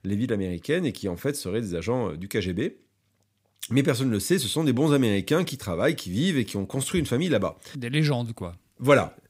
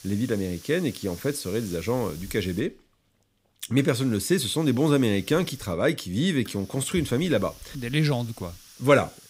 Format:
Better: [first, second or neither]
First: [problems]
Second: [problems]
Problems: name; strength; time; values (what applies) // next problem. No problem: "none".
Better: first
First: none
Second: hiss; faint; throughout; 20 dB below the speech